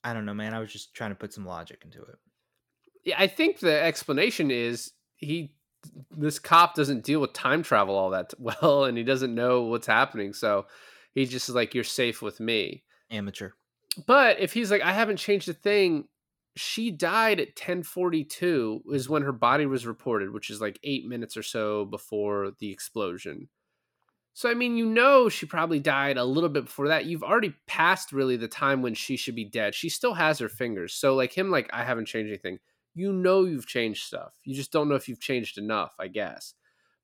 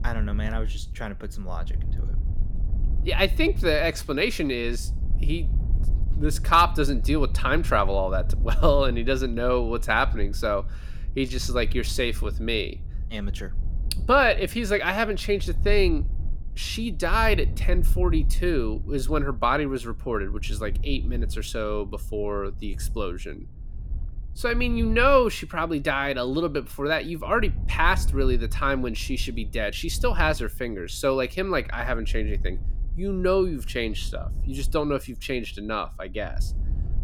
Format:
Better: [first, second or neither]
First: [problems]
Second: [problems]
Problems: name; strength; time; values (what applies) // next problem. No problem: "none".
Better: first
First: none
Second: wind noise on the microphone; occasional gusts; 25 dB below the speech